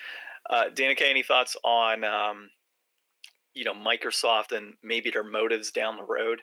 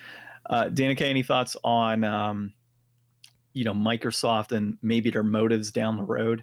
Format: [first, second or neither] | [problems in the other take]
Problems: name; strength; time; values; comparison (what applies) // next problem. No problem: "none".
second | thin; very; fading below 400 Hz